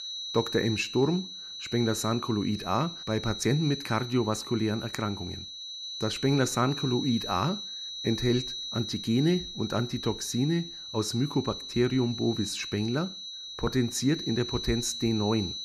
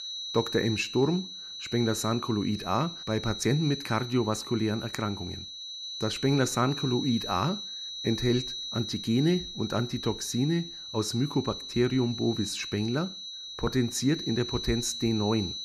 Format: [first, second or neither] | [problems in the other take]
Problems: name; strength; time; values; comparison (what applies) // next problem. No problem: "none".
neither | high-pitched whine; loud; throughout; 4 kHz, 7 dB below the speech; the same in both